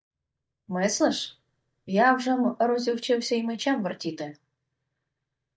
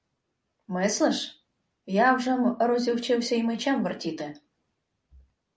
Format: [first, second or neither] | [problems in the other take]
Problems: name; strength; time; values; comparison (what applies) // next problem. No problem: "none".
second | noise reduction (neural mask model DeepFilterNet 3)